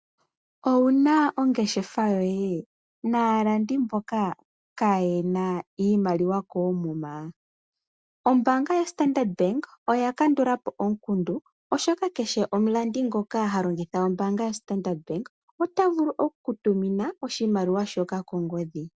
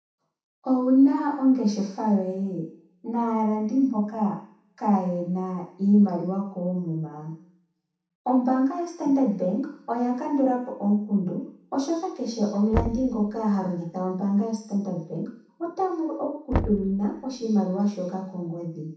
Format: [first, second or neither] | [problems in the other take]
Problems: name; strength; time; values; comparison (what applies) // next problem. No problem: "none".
first | background sound (Knock); 9 dB below the speech // room echo; dies away in 0.7 s